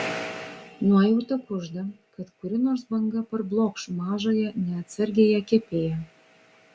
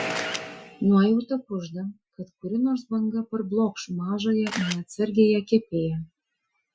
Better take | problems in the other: first | noise reduction (classical method Wiener filter)

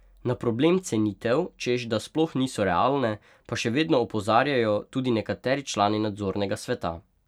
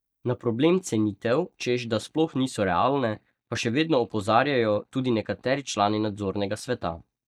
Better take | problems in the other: first | noise reduction (neural mask model DeepFilterNet 3)

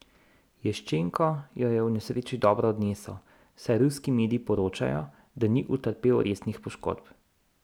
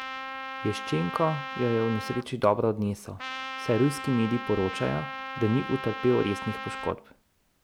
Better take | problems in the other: first | background sound (Trumpet); 9 dB below the speech

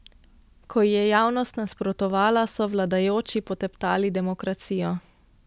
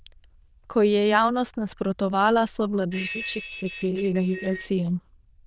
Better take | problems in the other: first | noise reduction (neural diffusion model UNIVERSE++)

